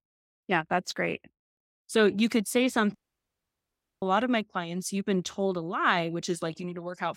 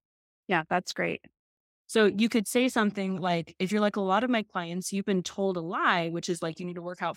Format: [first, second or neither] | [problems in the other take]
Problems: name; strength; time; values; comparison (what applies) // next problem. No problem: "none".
second | audio cutting out; at 3 s for 1 s